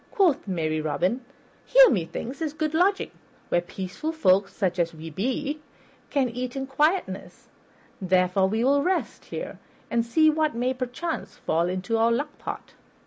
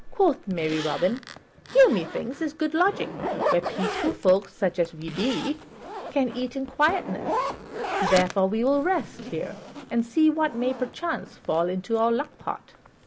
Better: first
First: none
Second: background sound (Zipper (clothing)); 8 dB below the speech

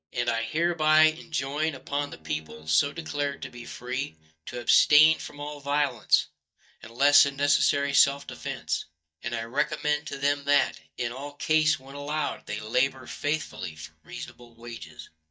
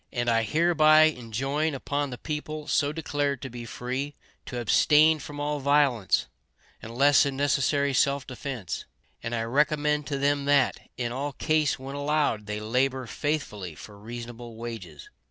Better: second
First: noise reduction (neural mask model DeepFilterNet 3)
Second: none

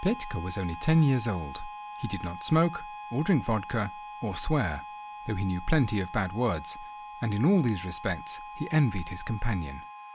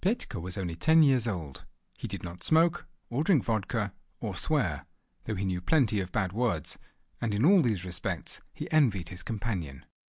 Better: second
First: background sound (Harmonica); 13 dB below the speech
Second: none

